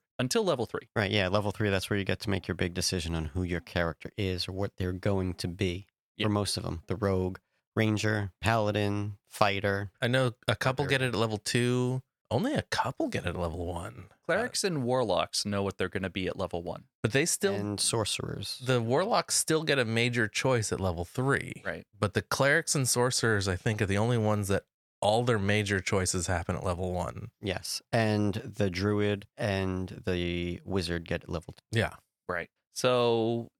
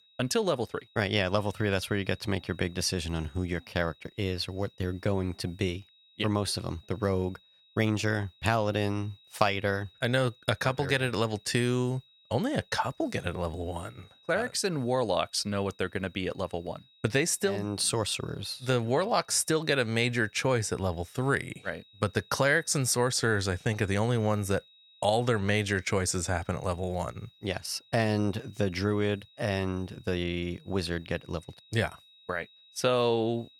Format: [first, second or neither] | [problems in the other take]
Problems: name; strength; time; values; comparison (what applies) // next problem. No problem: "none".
first | high-pitched whine; faint; throughout; 4 kHz, 30 dB below the speech